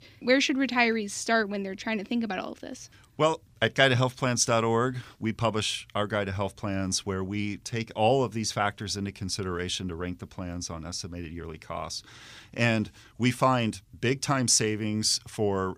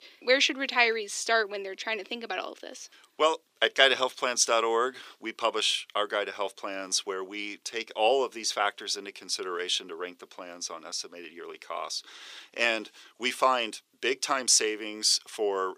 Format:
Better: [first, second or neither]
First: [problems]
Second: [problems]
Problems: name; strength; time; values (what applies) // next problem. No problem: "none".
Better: first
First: none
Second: thin; very; fading below 400 Hz